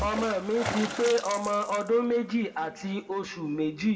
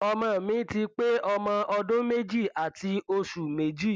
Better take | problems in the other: second | background sound (Water / Splash, splatter); 11 dB below the speech // room echo; dies away in 1.2 s

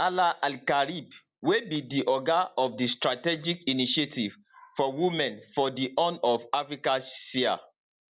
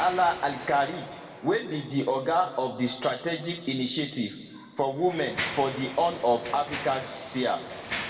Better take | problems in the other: first | background sound (Mechanisms); 12 dB below the speech // room echo; dies away in 1.6 s

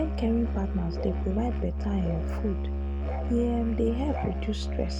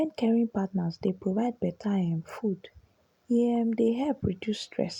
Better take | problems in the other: second | background sound (Musical instrument); 1 dB above the speech

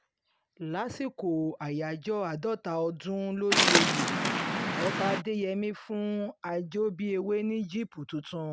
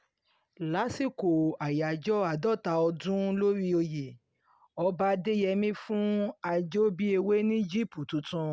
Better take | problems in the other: second | background sound (Waves, surf); 3 dB above the speech

